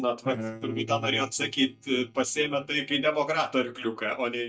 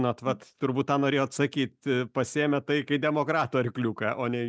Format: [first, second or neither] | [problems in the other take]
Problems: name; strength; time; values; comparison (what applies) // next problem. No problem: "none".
second | noise reduction (neural mask model DeepFilterNet 3)